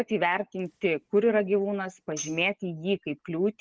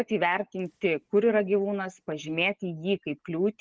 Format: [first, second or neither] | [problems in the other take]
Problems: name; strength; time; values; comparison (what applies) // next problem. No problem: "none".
second | background sound (Tambourine); 17 dB below the speech